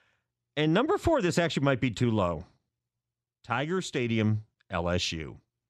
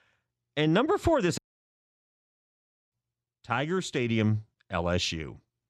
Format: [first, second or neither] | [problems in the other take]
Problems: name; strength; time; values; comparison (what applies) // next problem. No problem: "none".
first | audio cutting out; at 1.5 s for 1.5 s